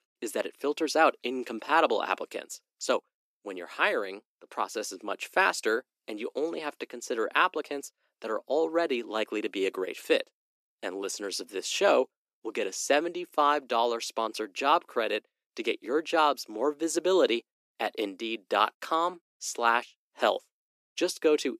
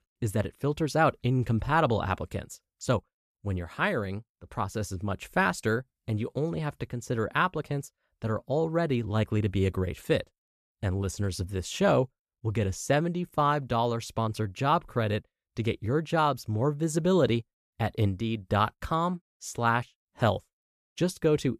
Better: second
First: thin; very; fading below 300 Hz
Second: none

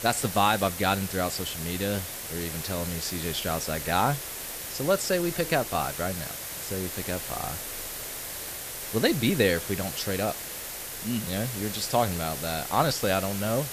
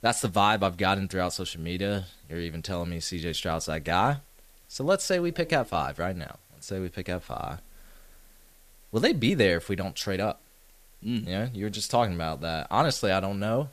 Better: second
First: hiss; loud; throughout; 5 dB below the speech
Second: hiss; faint; throughout; 30 dB below the speech

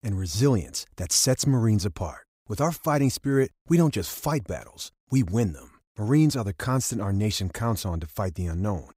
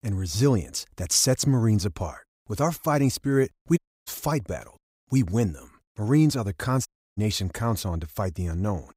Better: first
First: none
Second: audio cutting out; at 4 s, at 5 s and at 7 s

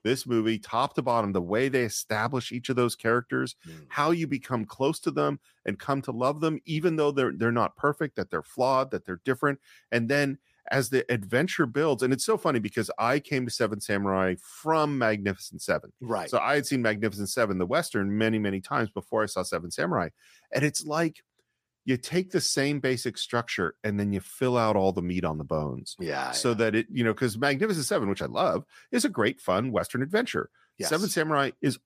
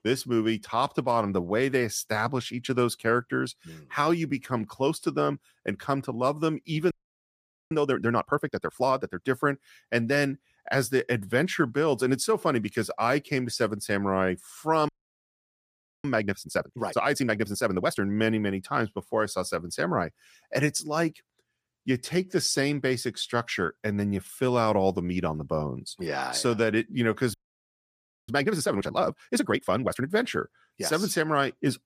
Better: first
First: none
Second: audio freezing; at 7 s for 1 s, at 15 s for 1 s and at 27 s for 1 s

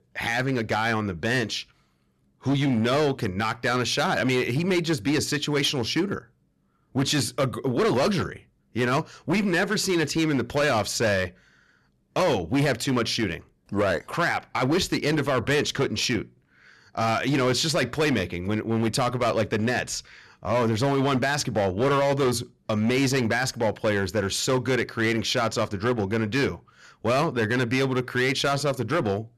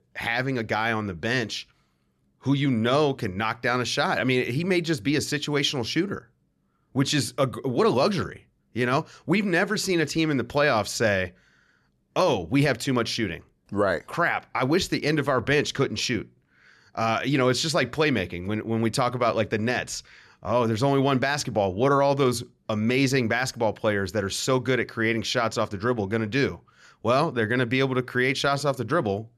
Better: second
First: distortion; slight; 11% of the sound clipped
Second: none

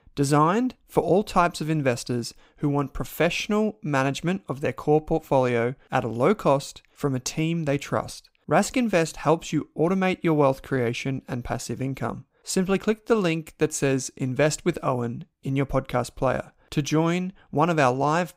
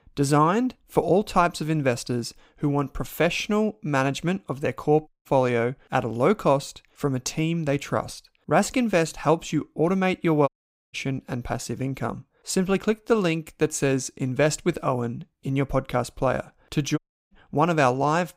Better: first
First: none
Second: audio cutting out; at 5 s, at 10 s and at 17 s

